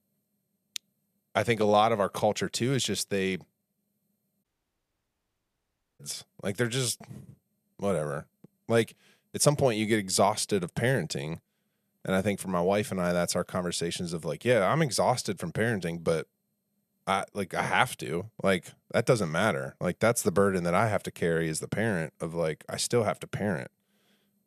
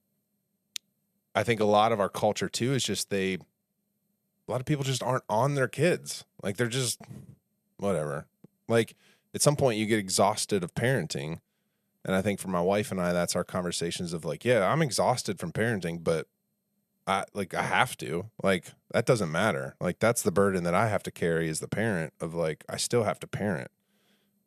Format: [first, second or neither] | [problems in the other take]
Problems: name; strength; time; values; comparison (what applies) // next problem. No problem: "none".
second | audio cutting out; at 4.5 s for 1.5 s